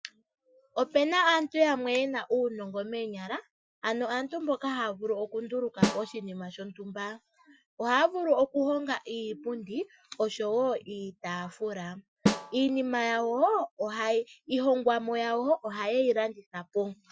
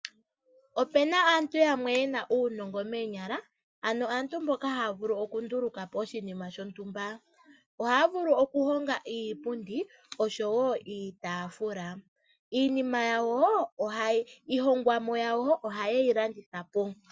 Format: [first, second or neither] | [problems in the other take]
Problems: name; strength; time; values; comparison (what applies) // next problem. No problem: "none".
second | noise reduction (classical method Wiener filter)